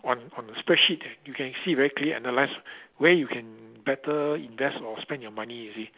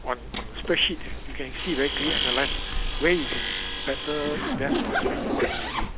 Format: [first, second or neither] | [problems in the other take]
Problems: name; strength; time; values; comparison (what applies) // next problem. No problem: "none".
first | background sound (Tools + Zipper (clothing)); 1 dB above the speech